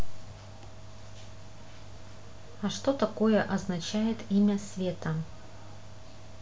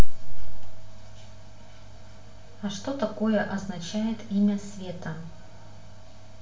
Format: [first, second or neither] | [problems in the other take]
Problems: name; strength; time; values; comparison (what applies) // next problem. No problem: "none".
first | room echo; dies away in 0.8 s